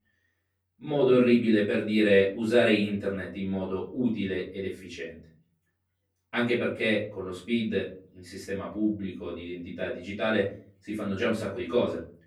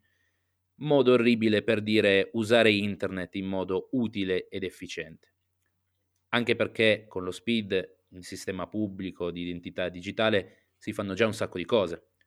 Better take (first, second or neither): second